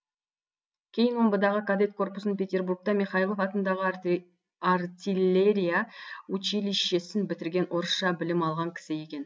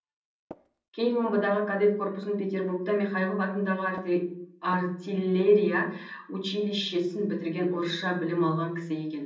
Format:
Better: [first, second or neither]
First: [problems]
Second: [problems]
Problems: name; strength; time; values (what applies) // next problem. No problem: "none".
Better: first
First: none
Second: background sound (Tap); 20 dB below the speech // room echo; dies away in 0.6 s